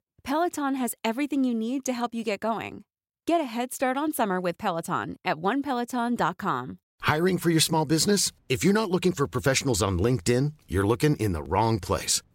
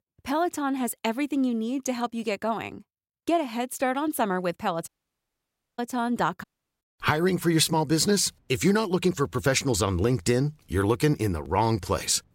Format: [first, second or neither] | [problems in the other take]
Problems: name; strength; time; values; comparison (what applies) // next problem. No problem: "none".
first | audio cutting out; at 5 s for 1 s and at 6.5 s